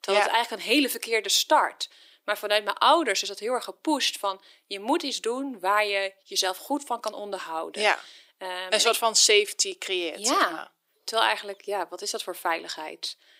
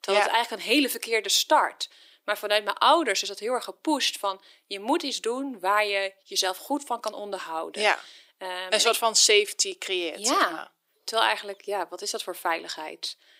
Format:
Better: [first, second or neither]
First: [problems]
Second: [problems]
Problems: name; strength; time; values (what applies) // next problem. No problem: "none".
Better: neither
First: thin; somewhat; fading below 300 Hz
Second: thin; somewhat; fading below 300 Hz